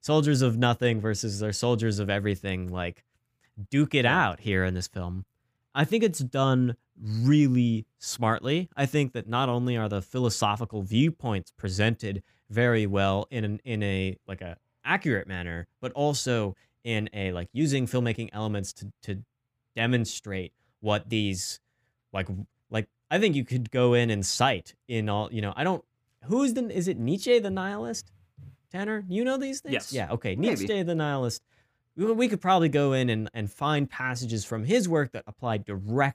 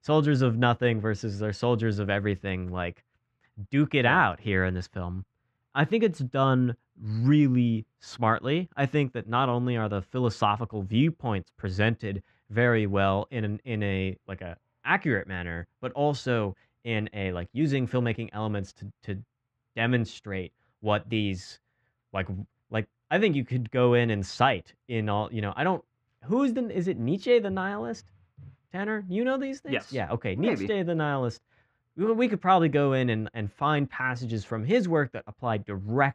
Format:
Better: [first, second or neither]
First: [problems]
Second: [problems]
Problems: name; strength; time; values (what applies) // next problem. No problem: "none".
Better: first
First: none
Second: muffled; slightly; fading above 3 kHz